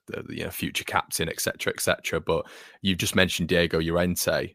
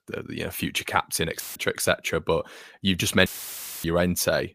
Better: first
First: none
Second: audio cutting out; filled with static; at 1.5 s and at 3.5 s for 0.5 s

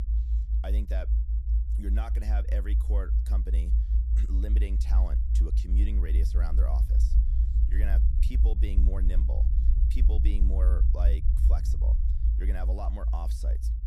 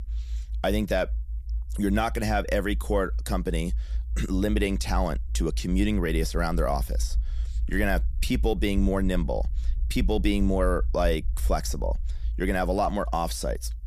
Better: second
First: low rumble; loud; throughout; 3 dB below the speech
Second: low rumble; faint; throughout; 25 dB below the speech

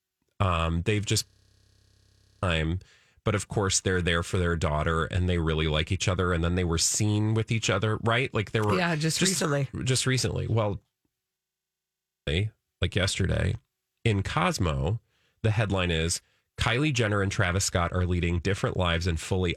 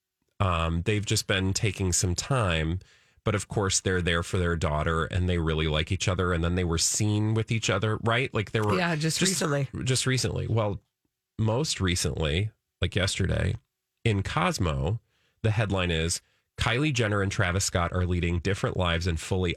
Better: second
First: audio freezing; at 1.5 s for 1 s and at 11 s for 1 s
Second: none

